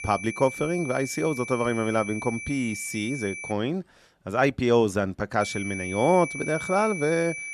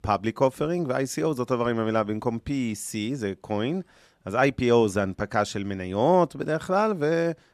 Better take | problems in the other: second | high-pitched whine; loud; until 3.5 s and from 5.5 s on; 2.5 kHz, 8 dB below the speech

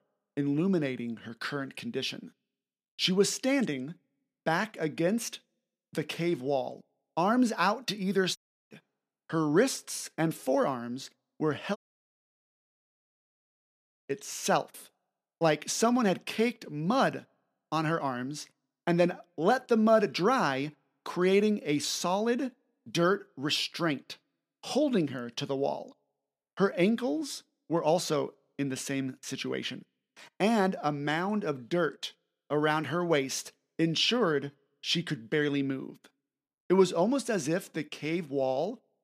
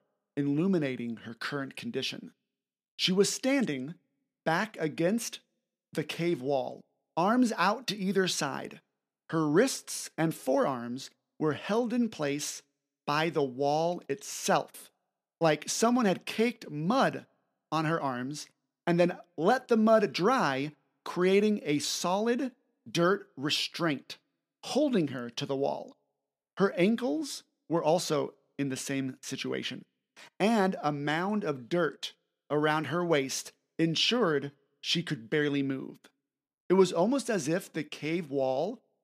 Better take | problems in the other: second | audio cutting out; at 8.5 s and at 12 s for 2.5 s

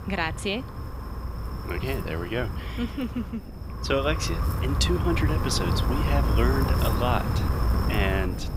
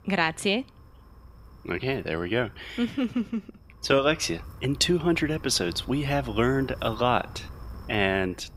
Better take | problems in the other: second | wind noise on the microphone; heavy; 4 dB below the speech; occasional gusts in the second

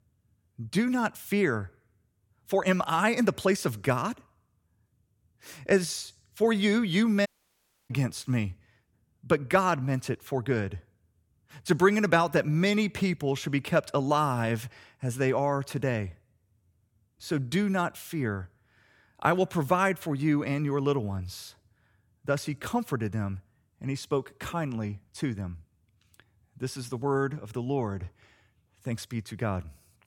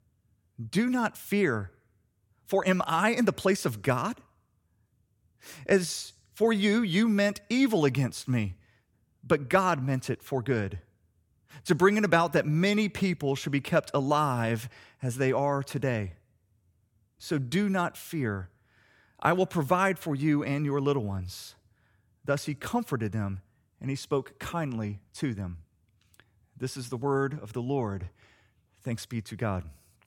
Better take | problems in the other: second | audio cutting out; at 7.5 s for 0.5 s

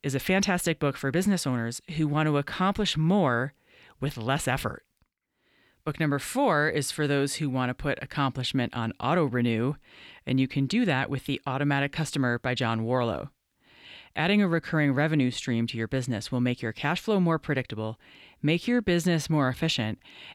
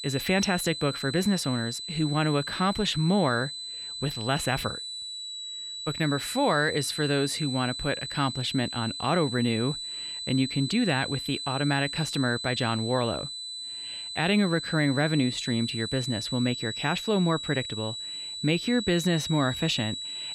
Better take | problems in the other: first | high-pitched whine; loud; throughout; 4 kHz, 6 dB below the speech

